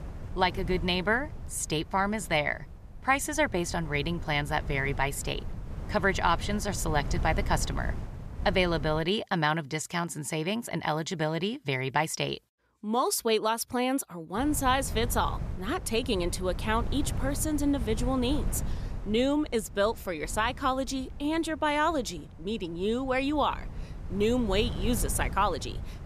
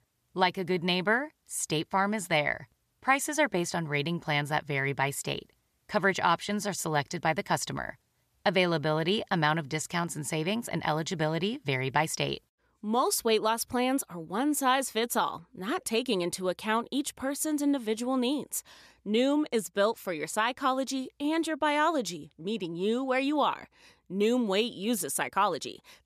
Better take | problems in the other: second | wind noise on the microphone; occasional gusts; until 9 s and from 14 s on; 20 dB below the speech

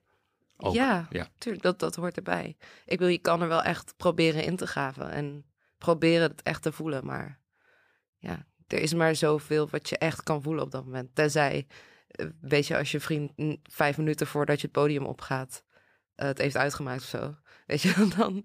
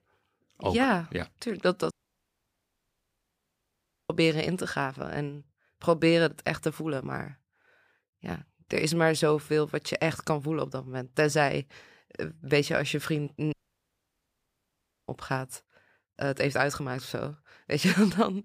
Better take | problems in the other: first | audio cutting out; at 2 s for 2 s and at 14 s for 1.5 s

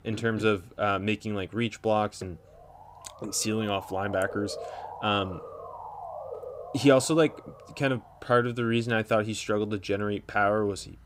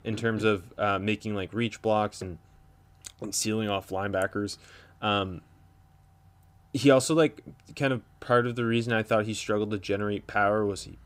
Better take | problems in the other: second | siren; faint; from 2.5 to 8 s; peak 10 dB below the speech

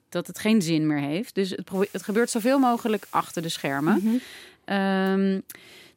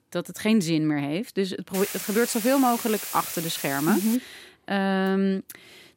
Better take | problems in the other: first | hiss; loud; from 1.5 to 4 s; 7 dB below the speech; faint in the first

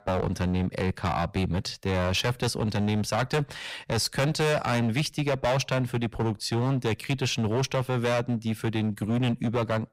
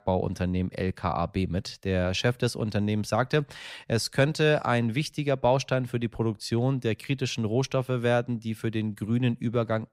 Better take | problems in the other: second | distortion; heavy; 17% of the sound clipped

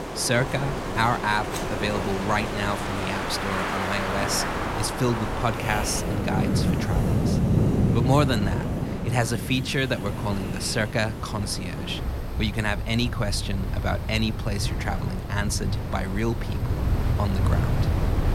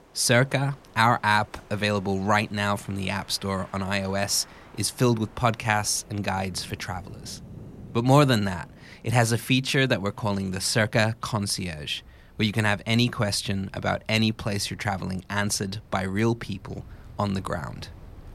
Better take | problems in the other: second | wind in the background; loud; throughout; as loud as the speech; faint in the second

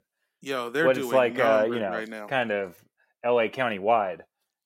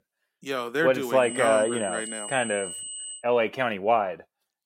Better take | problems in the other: first | high-pitched whine; loud; from 1 to 3 s; 8 kHz, 9 dB below the speech

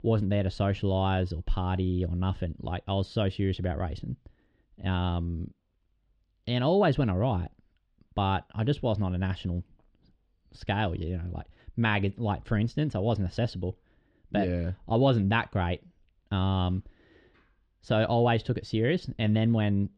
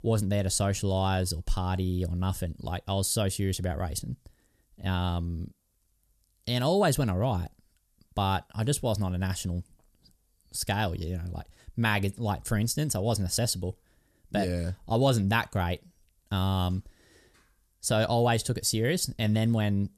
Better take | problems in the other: second | muffled; very; fading above 3 kHz

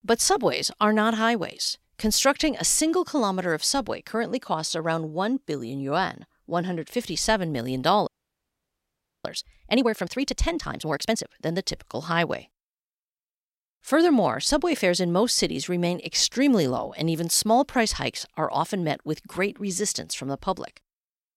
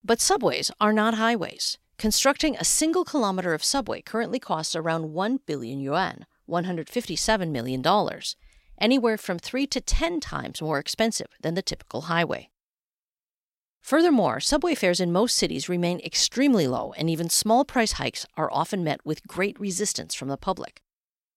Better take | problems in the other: second | audio freezing; at 8 s for 1 s

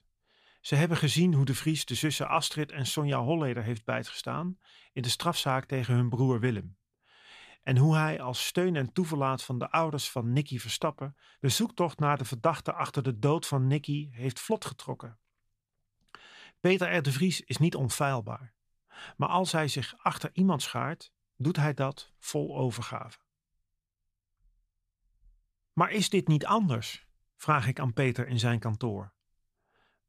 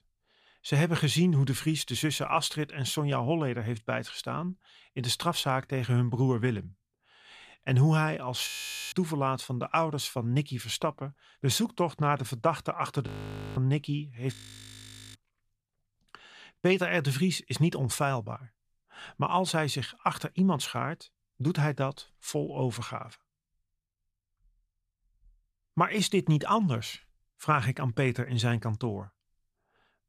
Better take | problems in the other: first | audio freezing; at 8.5 s, at 13 s for 0.5 s and at 14 s for 1 s

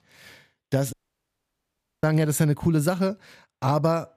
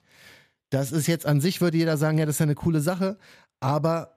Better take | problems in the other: second | audio cutting out; at 1 s for 1 s

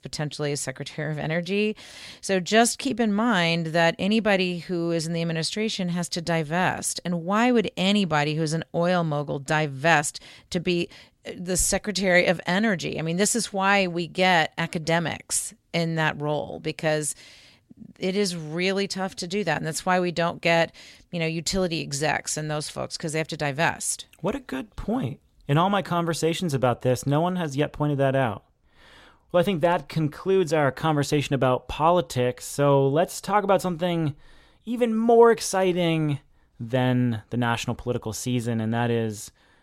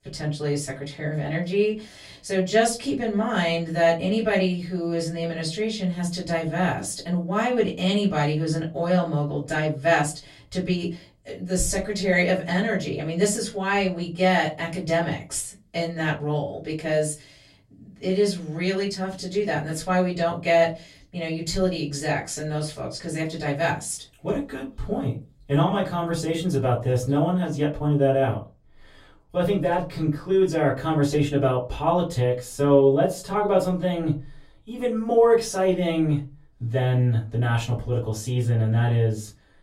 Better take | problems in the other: first | off-mic speech; far // room echo; very slight; dies away in 0.3 s

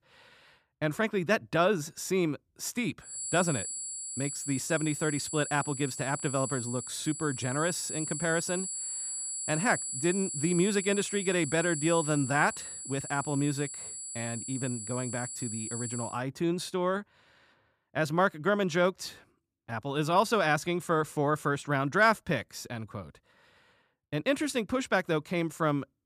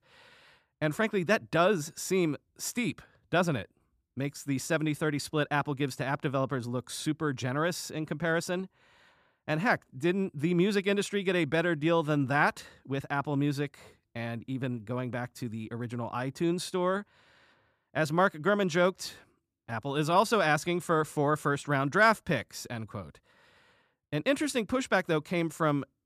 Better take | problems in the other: second | high-pitched whine; loud; from 3 to 16 s; 7.5 kHz, 5 dB below the speech

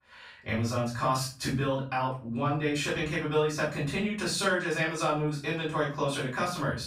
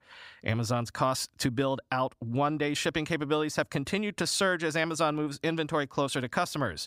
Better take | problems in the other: second | off-mic speech; far // room echo; noticeable; dies away in 0.3 s

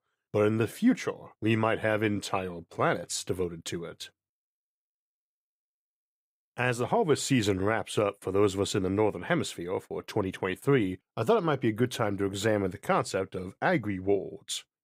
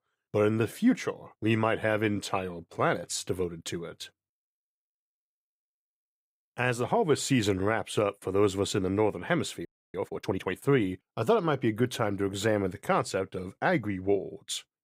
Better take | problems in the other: first | audio freezing; at 9.5 s

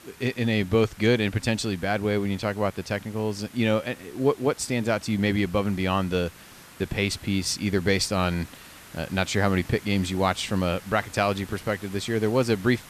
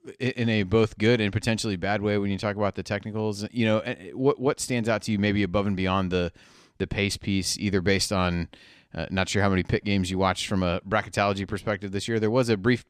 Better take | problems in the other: second | hiss; faint; throughout; 20 dB below the speech

